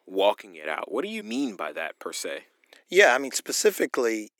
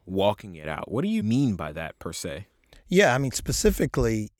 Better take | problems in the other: second | thin; somewhat; fading below 300 Hz

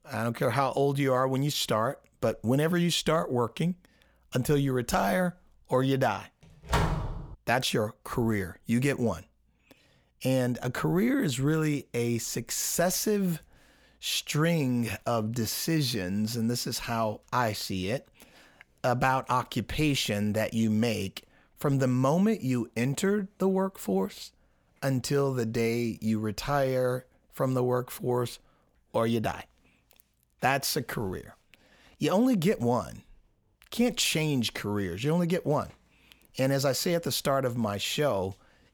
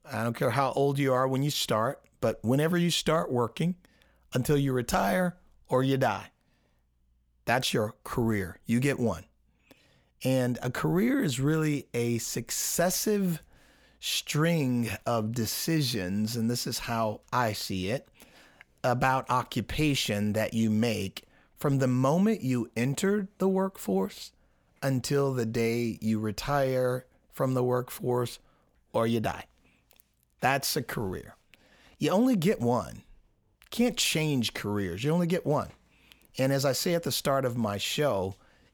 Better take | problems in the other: second | door banging; loud; at 6.5 s; peak level with the speech

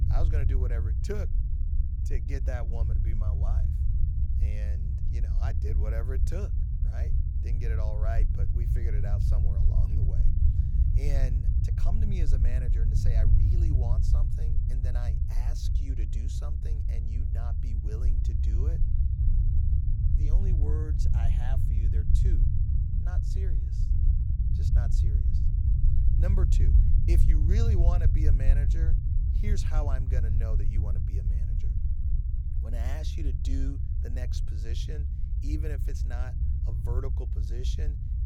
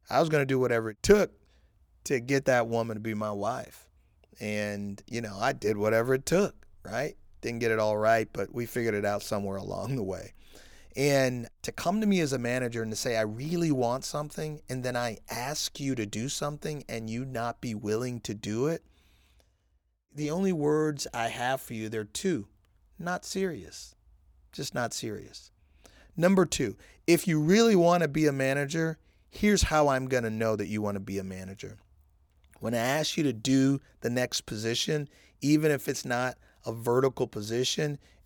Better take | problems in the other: second | low rumble; loud; throughout; 1 dB below the speech

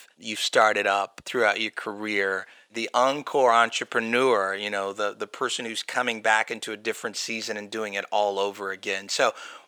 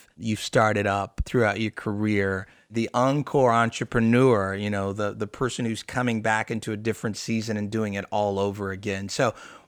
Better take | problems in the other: second | thin; somewhat; fading below 500 Hz

